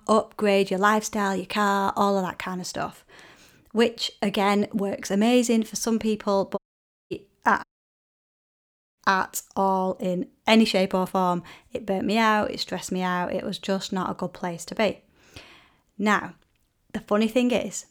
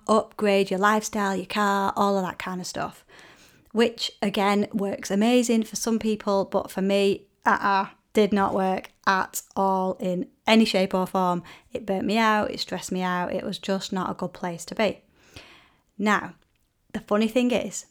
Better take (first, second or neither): second